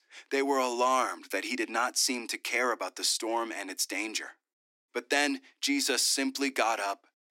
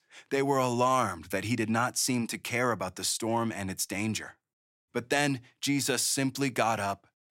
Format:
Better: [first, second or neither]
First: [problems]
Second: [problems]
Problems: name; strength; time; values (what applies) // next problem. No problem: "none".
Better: second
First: thin; very slightly; fading below 250 Hz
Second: none